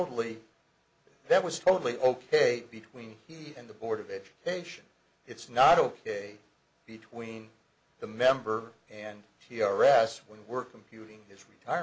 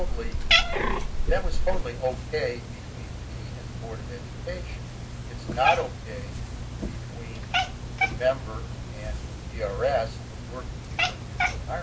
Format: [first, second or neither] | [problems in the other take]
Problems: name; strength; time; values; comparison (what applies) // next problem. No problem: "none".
first | background sound (Cat); 4 dB above the speech // room echo; dies away in 0.4 s